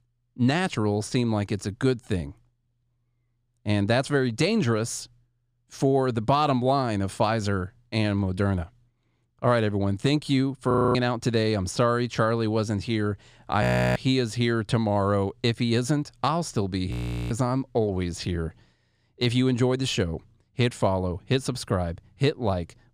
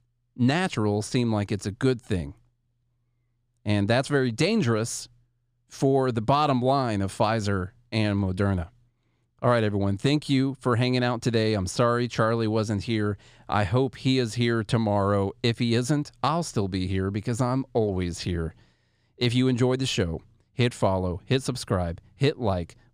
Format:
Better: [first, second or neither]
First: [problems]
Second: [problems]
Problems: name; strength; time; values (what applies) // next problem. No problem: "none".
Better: second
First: audio freezing; at 11 s, at 14 s and at 17 s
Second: none